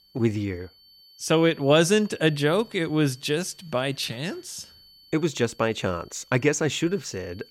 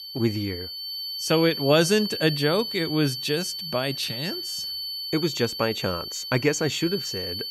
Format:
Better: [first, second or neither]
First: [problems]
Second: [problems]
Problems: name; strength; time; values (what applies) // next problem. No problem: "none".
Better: first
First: high-pitched whine; faint; throughout; 4.5 kHz, 25 dB below the speech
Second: high-pitched whine; loud; throughout; 4.5 kHz, 5 dB below the speech